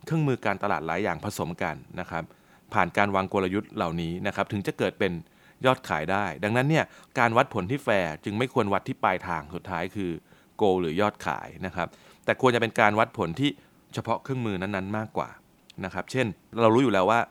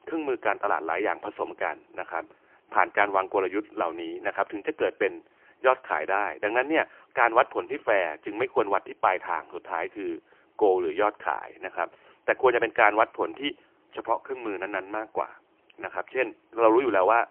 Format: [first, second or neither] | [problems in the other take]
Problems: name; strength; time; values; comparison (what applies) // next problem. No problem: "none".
first | phone-call audio; poor line; nothing above 3 kHz